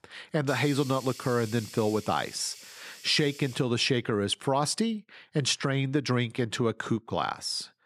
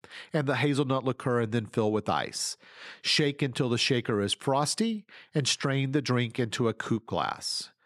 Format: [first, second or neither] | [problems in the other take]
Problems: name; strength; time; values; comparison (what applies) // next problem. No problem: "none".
second | hiss; noticeable; until 5 s; 15 dB below the speech